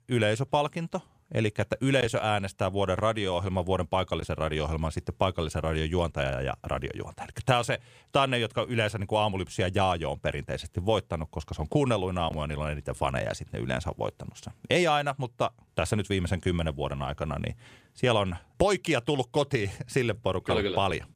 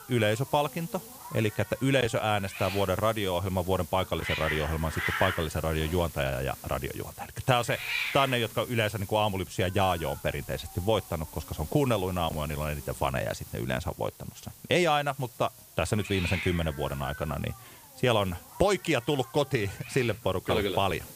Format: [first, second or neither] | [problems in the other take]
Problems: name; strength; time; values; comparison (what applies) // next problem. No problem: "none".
first | hiss; noticeable; throughout; 10 dB below the speech